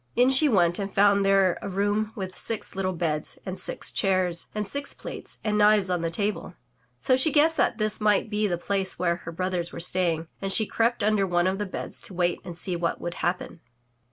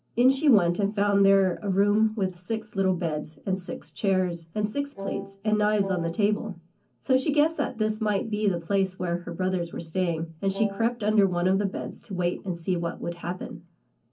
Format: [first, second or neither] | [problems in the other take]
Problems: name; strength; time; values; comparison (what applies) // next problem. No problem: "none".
first | background sound (Wind instrument, woodwind instrument); 12 dB below the speech // room echo; dies away in 0.4 s